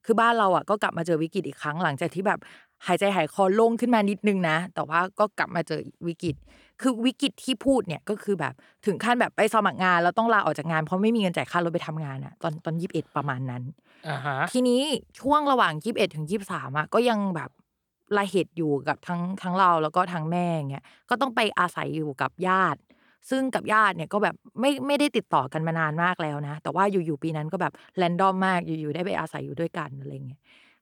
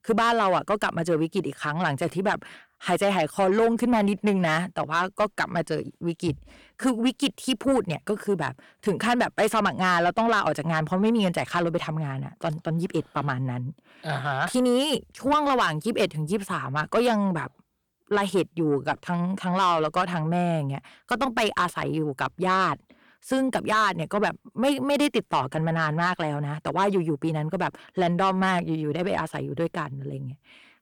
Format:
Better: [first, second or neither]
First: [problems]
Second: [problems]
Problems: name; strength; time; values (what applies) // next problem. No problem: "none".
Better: first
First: none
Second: distortion; slight; 10 dB below the speech